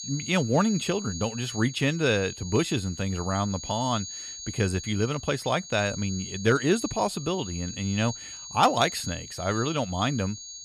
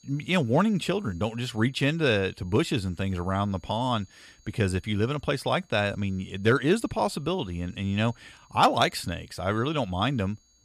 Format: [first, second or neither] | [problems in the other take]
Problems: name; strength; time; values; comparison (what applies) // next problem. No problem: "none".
second | high-pitched whine; loud; throughout; 6.5 kHz, 10 dB below the speech; faint in the second